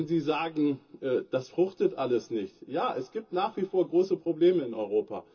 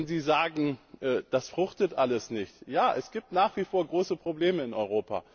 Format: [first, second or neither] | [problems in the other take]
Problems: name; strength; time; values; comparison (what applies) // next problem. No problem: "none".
second | room echo; dies away in 0.2 s